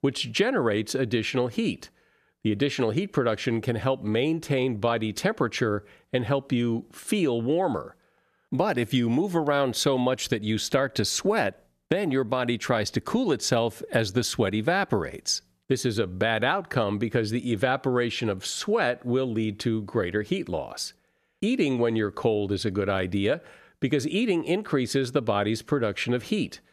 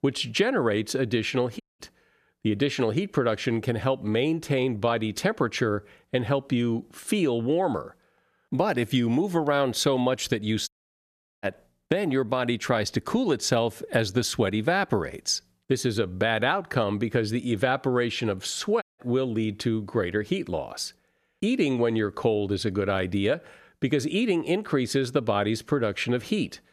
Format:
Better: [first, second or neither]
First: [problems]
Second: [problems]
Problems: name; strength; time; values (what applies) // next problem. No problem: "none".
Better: first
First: none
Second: audio cutting out; at 1.5 s, at 11 s for 0.5 s and at 19 s